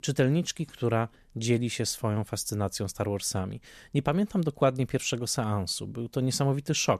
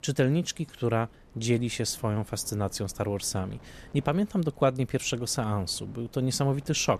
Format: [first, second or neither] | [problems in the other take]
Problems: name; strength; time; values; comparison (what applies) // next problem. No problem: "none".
first | wind noise on the microphone; occasional gusts; 25 dB below the speech